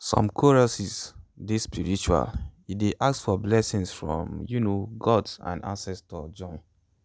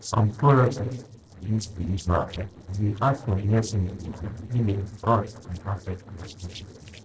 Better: first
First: none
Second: noise reduction (neural separator model SepFormer DNS4)

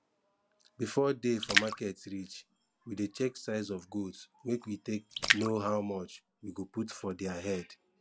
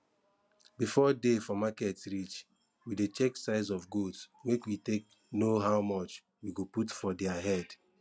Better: second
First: background sound (Splash, splatter); 1 dB below the speech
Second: none

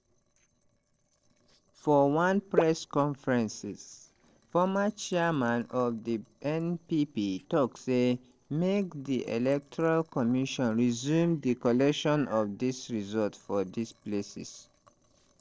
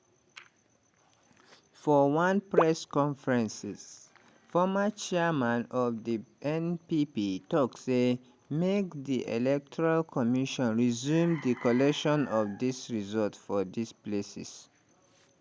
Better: second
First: noise reduction (neural separator model SepFormer DNS4)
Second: none

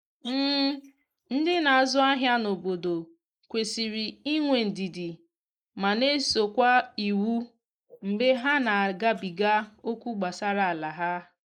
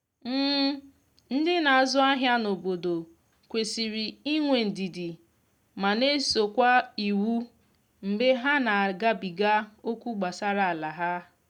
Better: second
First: noise reduction (neural mask model Resemble Enhance denoiser)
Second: none

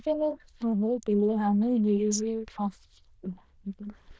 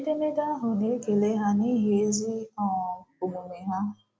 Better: second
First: noise reduction (neural diffusion model UNIVERSE++)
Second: none

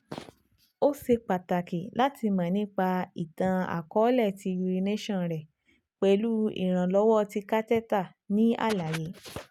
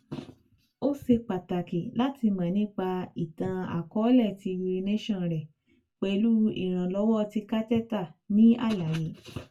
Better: first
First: none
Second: room echo; dies away in 0.2 s

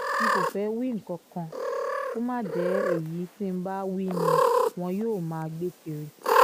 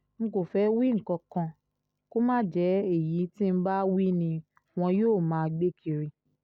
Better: second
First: background sound (Cat); 3 dB above the speech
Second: none

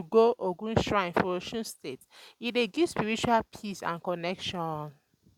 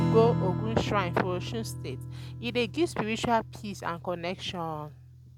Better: first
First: none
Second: background sound (Strum); 4 dB below the speech

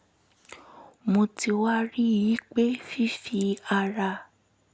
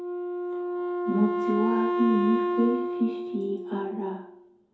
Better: first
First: none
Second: background sound (Wind instrument, woodwind instrument); 1 dB below the speech // room echo; dies away in 2.2 s

